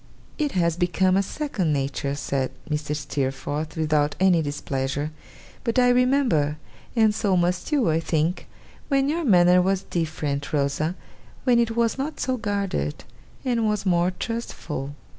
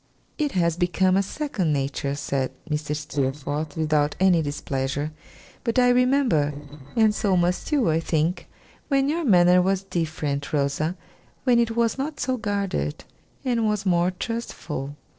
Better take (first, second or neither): first